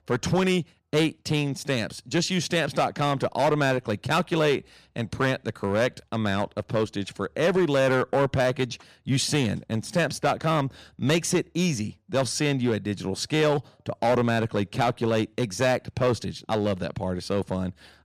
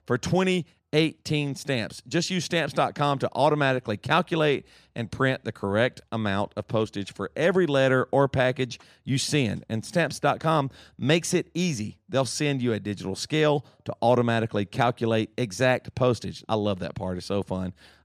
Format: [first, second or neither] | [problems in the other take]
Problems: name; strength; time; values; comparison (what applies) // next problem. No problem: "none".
second | distortion; slight; 5% of the sound clipped